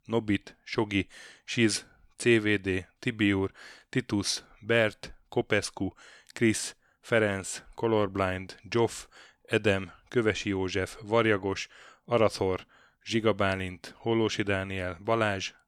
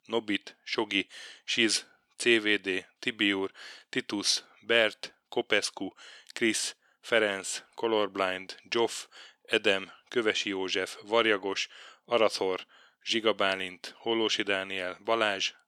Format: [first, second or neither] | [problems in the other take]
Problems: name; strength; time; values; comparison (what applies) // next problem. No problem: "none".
first | thin; very slightly; fading below 300 Hz